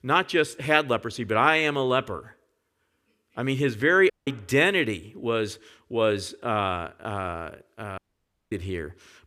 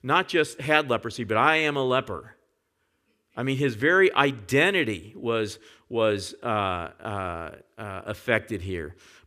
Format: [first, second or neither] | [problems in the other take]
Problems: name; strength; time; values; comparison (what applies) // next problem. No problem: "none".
second | audio cutting out; at 4 s and at 8 s for 0.5 s